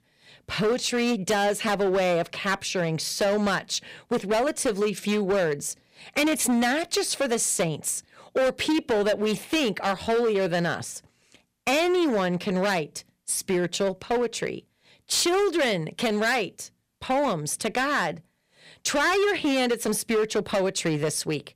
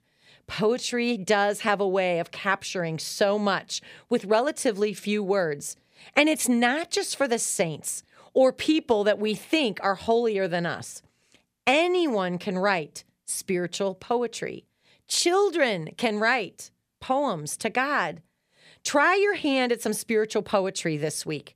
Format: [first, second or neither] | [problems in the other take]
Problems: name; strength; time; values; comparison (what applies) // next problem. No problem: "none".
second | distortion; heavy; 14% of the sound clipped